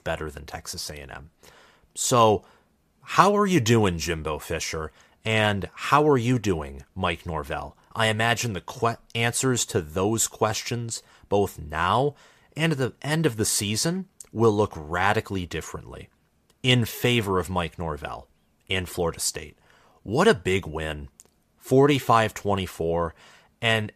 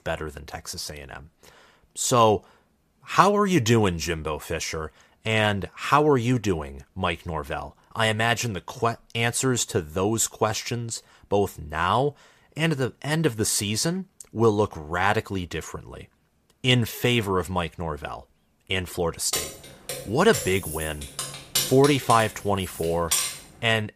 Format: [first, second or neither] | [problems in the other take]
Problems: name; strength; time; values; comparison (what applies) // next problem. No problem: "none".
first | jangling keys; loud; from 19 to 23 s; peak 1 dB above the speech